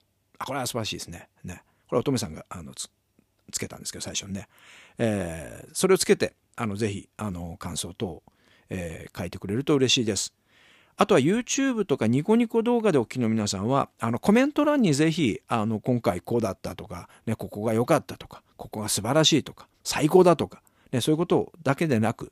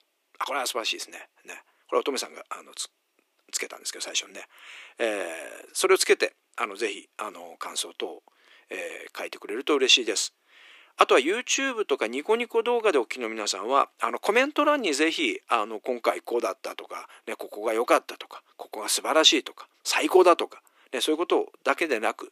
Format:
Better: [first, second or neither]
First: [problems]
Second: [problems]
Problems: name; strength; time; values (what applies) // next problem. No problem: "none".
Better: first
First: none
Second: thin; very; fading below 300 Hz